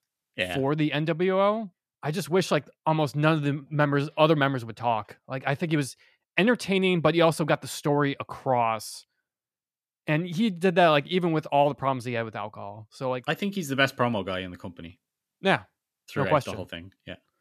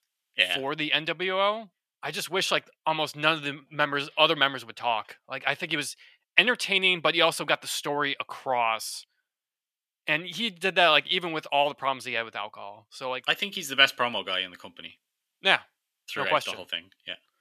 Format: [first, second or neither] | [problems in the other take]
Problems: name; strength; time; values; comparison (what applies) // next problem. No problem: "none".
first | thin; somewhat; fading below 1 kHz